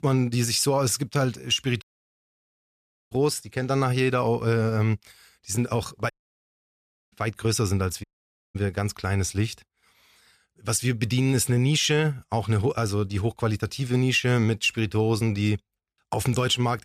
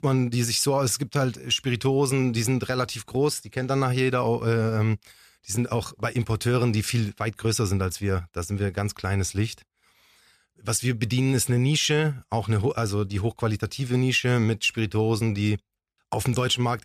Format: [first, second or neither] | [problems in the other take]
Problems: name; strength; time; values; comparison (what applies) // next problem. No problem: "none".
second | audio cutting out; at 2 s for 1.5 s, at 6 s for 1 s and at 8 s for 0.5 s